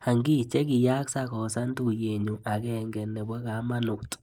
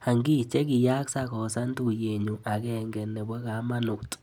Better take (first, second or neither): second